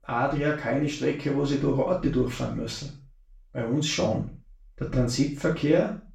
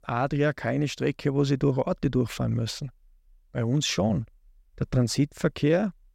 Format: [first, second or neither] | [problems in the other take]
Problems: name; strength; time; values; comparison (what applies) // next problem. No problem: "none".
second | room echo; noticeable; dies away in 0.3 s // off-mic speech; far